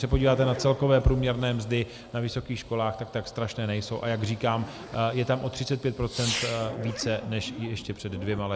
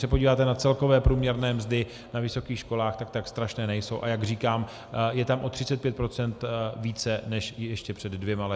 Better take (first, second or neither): second